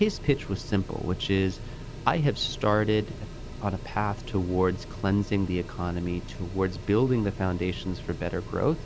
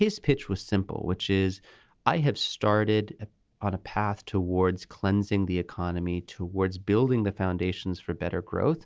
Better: second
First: background sound (Mechanical fan); 11 dB below the speech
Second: none

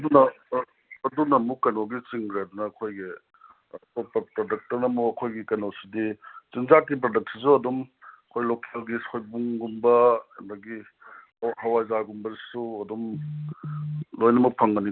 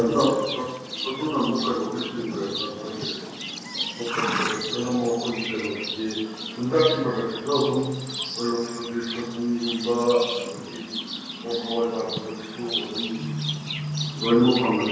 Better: first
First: none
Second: background sound (Livestock, farm animals, working animals); 7 dB below the speech // room echo; dies away in 1.3 s

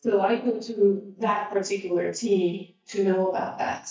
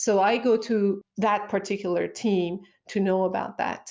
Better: second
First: noise reduction (neural mask model DeepFilterNet 3)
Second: none

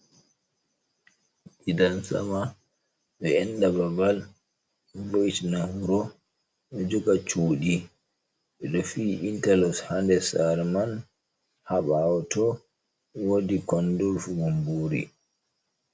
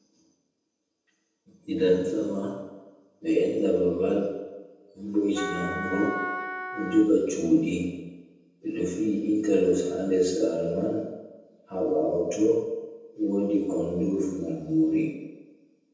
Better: first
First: none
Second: background sound (Wind instrument, woodwind instrument); 7 dB below the speech // room echo; dies away in 1.1 s

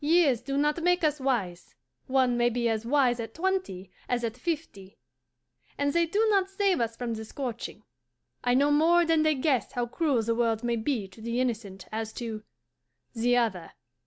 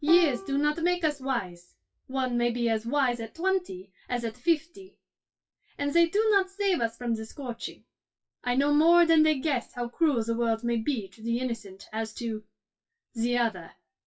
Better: first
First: none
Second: noise reduction (classical method WPE with log-MMSE)

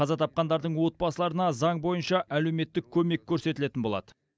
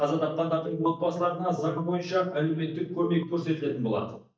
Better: first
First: none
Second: noise reduction (neural mask model DeepFilterNet 3)

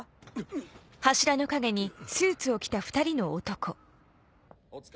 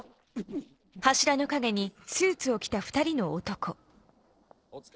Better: first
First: none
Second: noise reduction (neural separator model SepFormer DNS4)

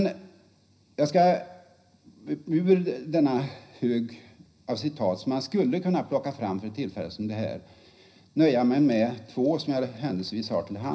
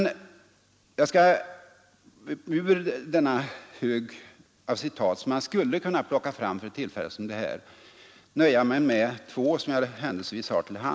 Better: second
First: room echo; dies away in 0.4 s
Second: none

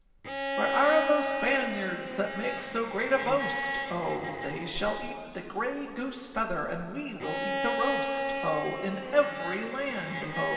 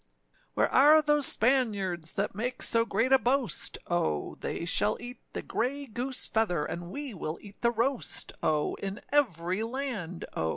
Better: second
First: background sound (Bowed string instrument); 4 dB below the speech // room echo; dies away in 2.6 s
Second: none

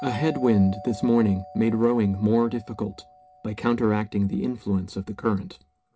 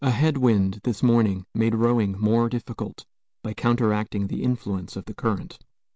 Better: second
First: background sound (Doorbell); 19 dB below the speech // room echo; dies away in 0.3 s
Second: none

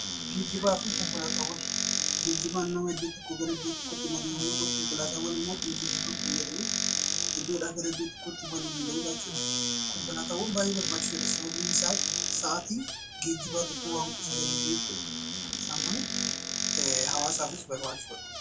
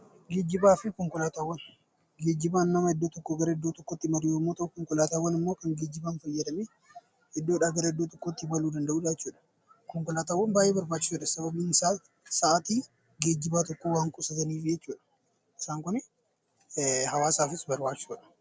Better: second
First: background sound (Squeak / Cupboard open or close); 2 dB above the speech // room echo; dies away in 0.2 s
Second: none

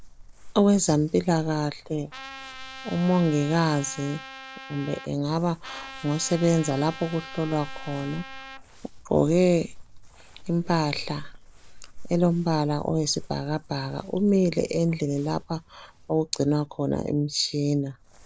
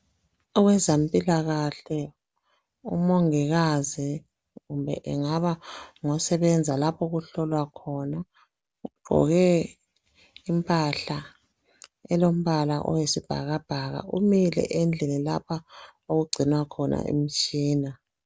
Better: second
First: background sound (Trumpet + Crumpling, crinkling); 16 dB below the speech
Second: none

